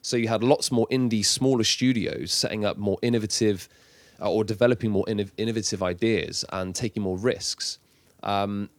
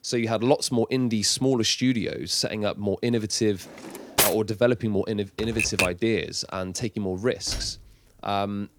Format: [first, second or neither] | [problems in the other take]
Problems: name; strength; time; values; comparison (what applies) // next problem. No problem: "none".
first | clattering dishes; loud; at 4 s; peak 4 dB above the speech // keyboard typing; loud; at 5.5 s; peak 1 dB above the speech // door banging; faint; at 7.5 s; peak 10 dB below the speech